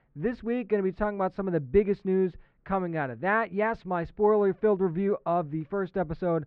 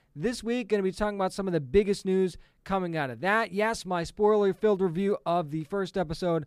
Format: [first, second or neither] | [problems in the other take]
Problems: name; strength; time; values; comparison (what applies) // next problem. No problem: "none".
second | muffled; very; fading above 2 kHz